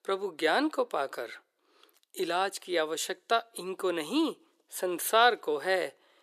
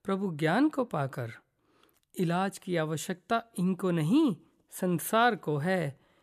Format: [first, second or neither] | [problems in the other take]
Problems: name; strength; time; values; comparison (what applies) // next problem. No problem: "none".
second | thin; somewhat; fading below 400 Hz